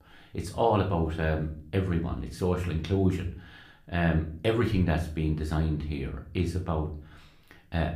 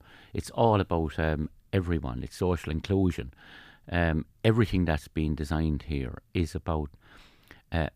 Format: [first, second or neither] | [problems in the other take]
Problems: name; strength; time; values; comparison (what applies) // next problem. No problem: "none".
second | room echo; slight; dies away in 0.4 s // off-mic speech; somewhat distant